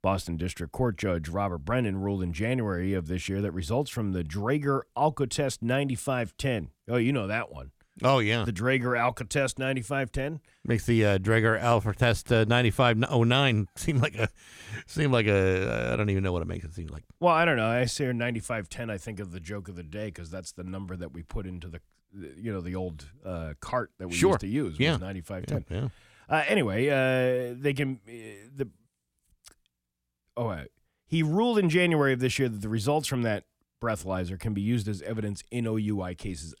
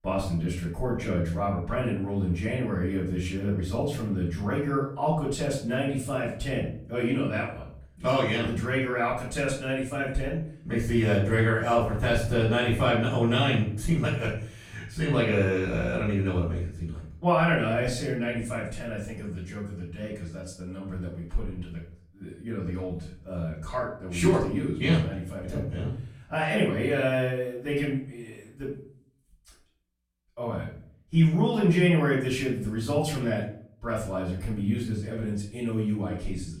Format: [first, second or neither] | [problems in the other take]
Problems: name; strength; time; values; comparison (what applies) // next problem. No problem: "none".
first | off-mic speech; far // room echo; noticeable; dies away in 0.5 s